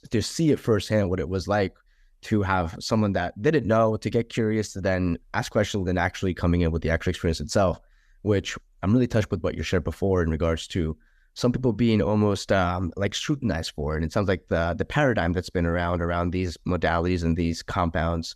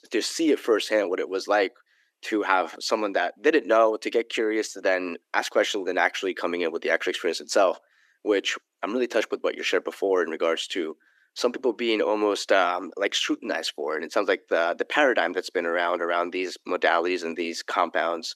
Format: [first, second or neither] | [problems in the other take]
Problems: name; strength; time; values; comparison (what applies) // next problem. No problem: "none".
first | thin; very; fading below 300 Hz